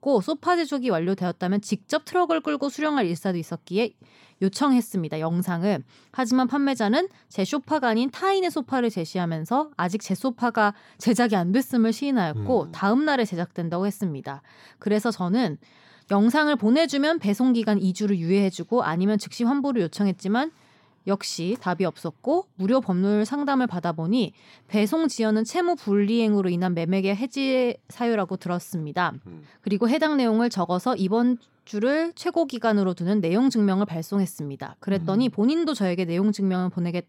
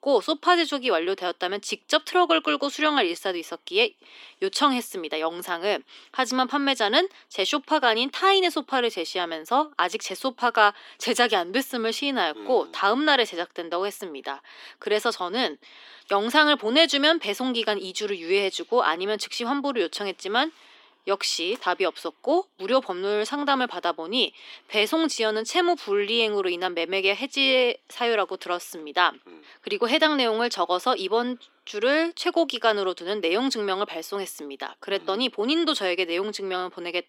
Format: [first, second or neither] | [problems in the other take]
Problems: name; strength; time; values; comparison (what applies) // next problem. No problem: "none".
first | thin; somewhat; fading below 300 Hz